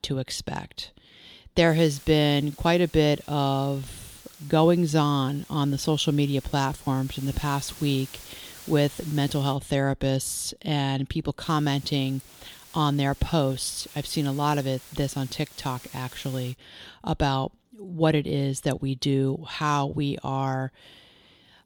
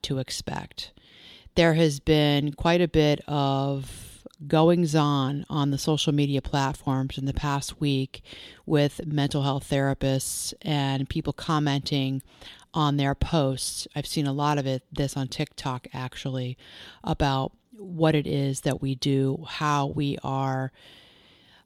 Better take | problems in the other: second | hiss; noticeable; from 1.5 to 9.5 s and from 11 to 17 s; 20 dB below the speech

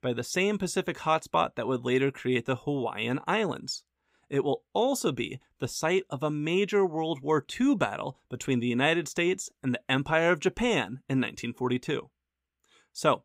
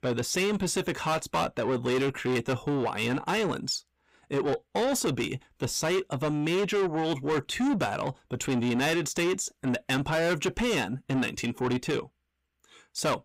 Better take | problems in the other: first | distortion; heavy; 7 dB below the speech

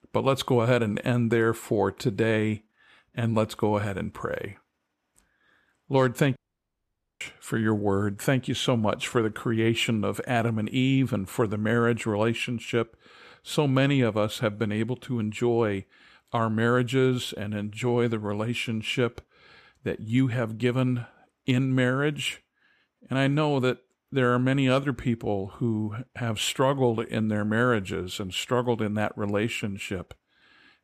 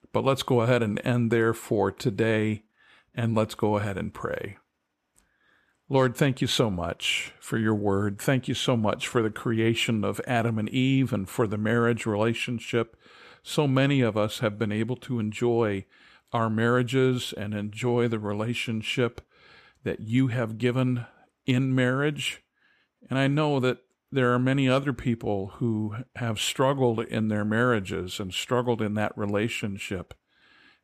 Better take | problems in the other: second | audio cutting out; at 6.5 s for 1 s

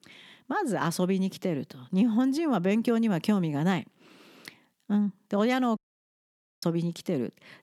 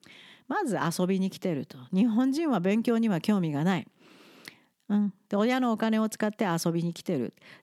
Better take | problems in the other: second | audio cutting out; at 6 s for 1 s

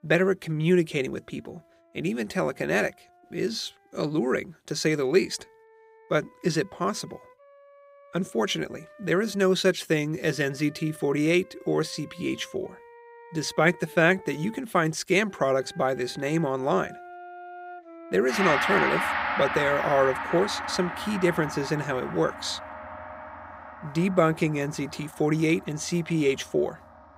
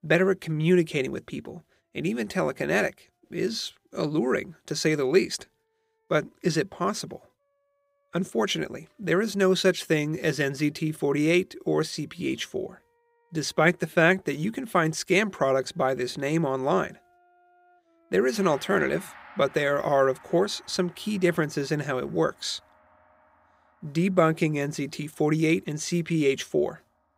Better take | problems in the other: second | background music; loud; throughout; 6 dB below the speech; faint in the second

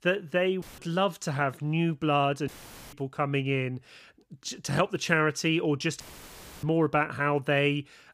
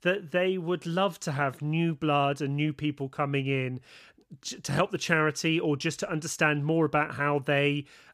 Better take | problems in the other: second | audio cutting out; filled with static; at 0.5 s, at 2.5 s and at 6 s for 0.5 s

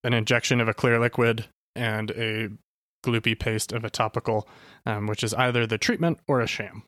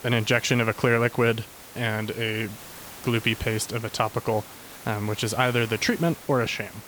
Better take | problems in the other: first | hiss; noticeable; throughout; 15 dB below the speech

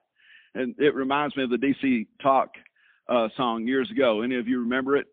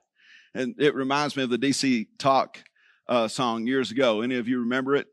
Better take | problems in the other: second | phone-call audio; poor line; nothing above 3.5 kHz

